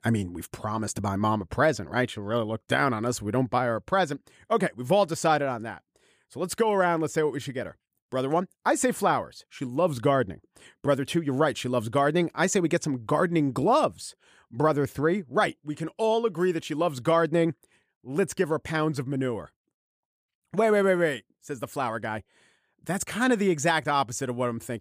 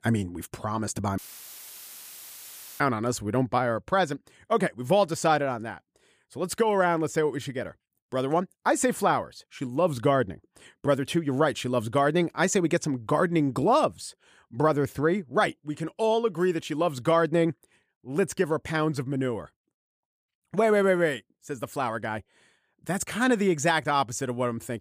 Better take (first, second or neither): first